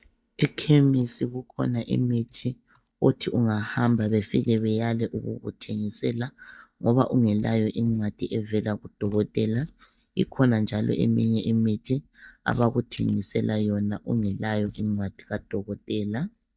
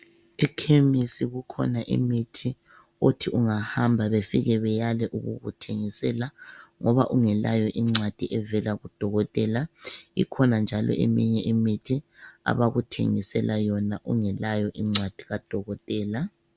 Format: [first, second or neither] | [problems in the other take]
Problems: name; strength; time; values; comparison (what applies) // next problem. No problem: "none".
second | noise reduction (neural mask model DeepFilterNet 3)